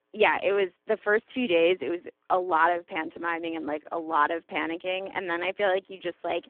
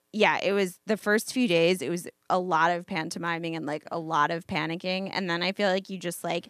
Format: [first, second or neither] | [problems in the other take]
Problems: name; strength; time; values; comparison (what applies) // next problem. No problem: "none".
second | phone-call audio; poor line